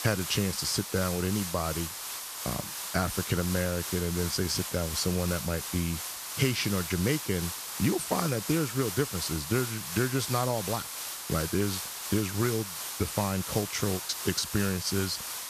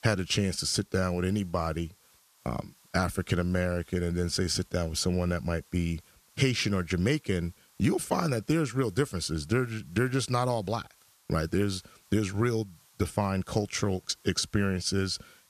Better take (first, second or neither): second